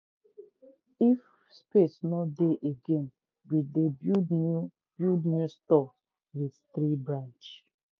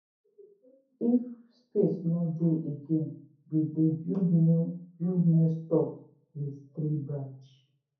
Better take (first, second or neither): first